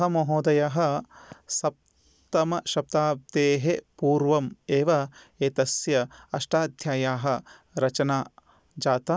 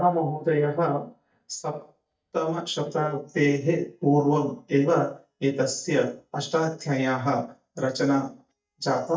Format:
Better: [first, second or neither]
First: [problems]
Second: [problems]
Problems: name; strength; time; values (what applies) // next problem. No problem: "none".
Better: first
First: none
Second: noise reduction (neural mask model DeepFilterNet 3)